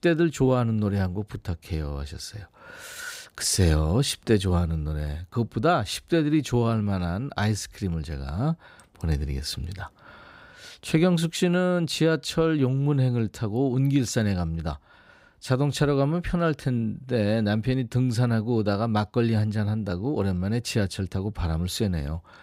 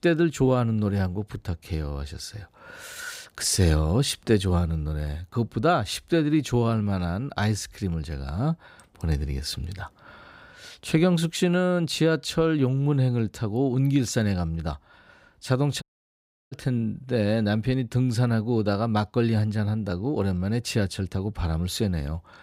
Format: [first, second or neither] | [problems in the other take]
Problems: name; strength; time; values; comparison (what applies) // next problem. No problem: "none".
first | audio cutting out; at 16 s for 0.5 s